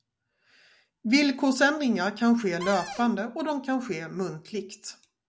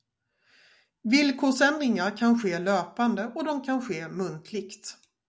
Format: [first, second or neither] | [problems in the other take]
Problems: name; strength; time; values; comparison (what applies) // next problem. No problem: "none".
second | background sound (Cupboard open or close); 11 dB below the speech